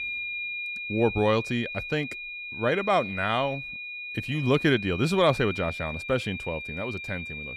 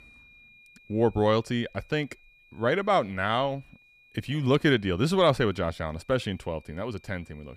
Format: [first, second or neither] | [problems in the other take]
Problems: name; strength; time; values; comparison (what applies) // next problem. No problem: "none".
second | high-pitched whine; loud; throughout; 2.5 kHz, 7 dB below the speech; faint in the second